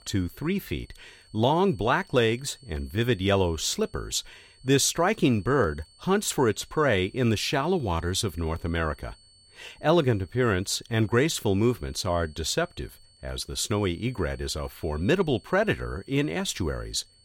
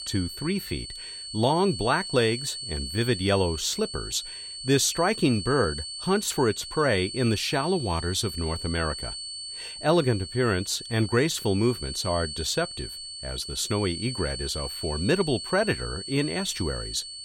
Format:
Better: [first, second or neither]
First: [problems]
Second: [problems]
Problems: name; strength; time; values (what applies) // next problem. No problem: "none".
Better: first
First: high-pitched whine; faint; throughout; 4.5 kHz, 30 dB below the speech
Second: high-pitched whine; loud; throughout; 4.5 kHz, 8 dB below the speech